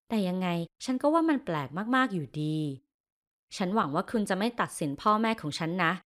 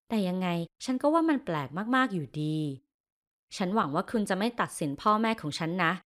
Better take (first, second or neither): neither